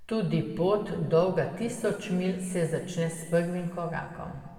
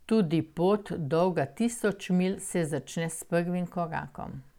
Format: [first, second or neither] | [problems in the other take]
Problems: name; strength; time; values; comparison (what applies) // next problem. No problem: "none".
second | room echo; dies away in 1.9 s